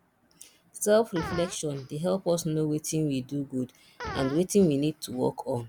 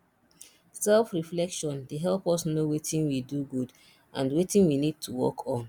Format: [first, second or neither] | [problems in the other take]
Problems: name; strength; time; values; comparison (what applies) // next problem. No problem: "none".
second | background sound (Fart); 15 dB below the speech